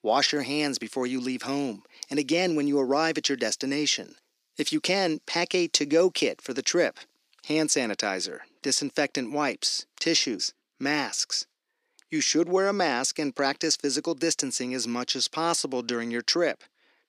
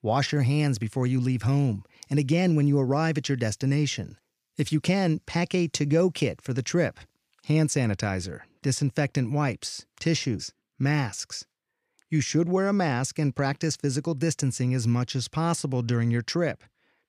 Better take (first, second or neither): second